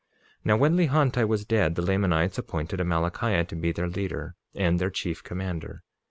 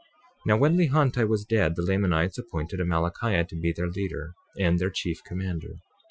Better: first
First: none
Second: noise reduction (classical method Wiener filter)

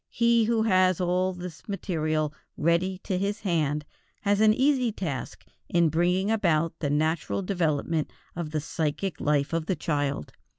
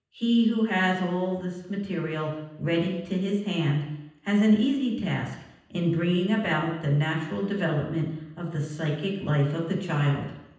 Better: first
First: none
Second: room echo; dies away in 0.9 s

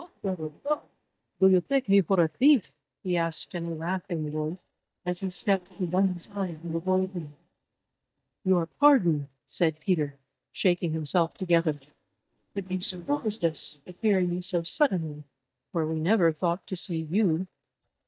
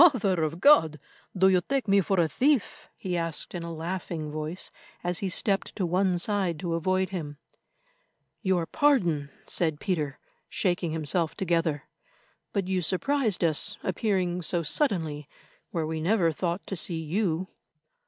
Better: second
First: noise reduction (neural mask model DeepFilterNet 3)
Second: none

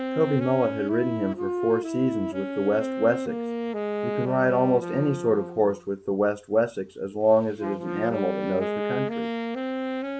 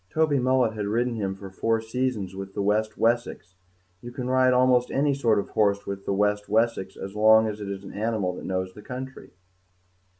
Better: second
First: background sound (Wind instrument, woodwind instrument); 5 dB below the speech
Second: none

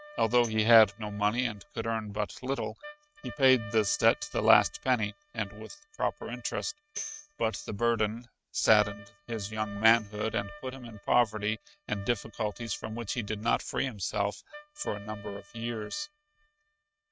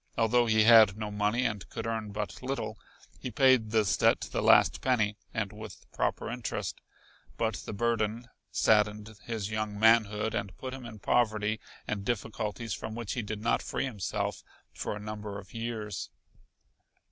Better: second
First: noise reduction (neural mask model RNNoise)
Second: none

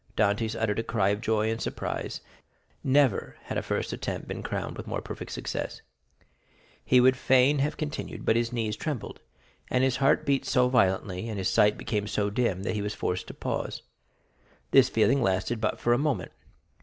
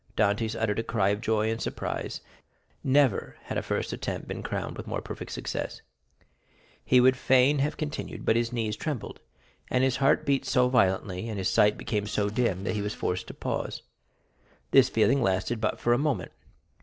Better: first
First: none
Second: noise reduction (neural separator model SepFormer DNS4)

